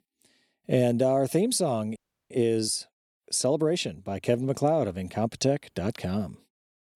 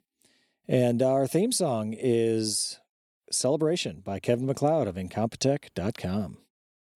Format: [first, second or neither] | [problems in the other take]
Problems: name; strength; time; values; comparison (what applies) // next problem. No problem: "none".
second | audio freezing; at 2 s